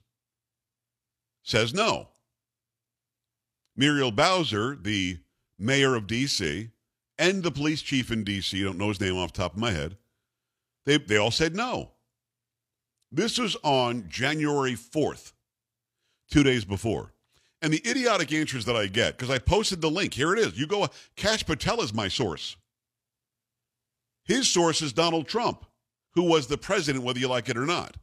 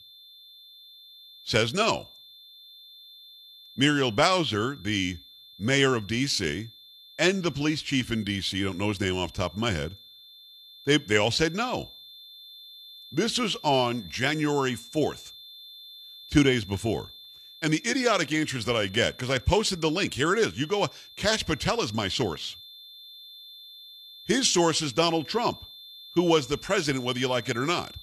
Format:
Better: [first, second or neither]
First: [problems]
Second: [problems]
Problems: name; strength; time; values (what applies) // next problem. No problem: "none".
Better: first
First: none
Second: high-pitched whine; noticeable; throughout; 3.5 kHz, 20 dB below the speech